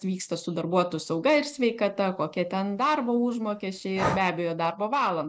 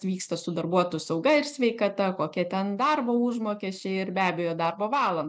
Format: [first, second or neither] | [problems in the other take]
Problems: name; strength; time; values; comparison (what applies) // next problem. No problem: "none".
second | background sound (Breathing); 11 dB below the speech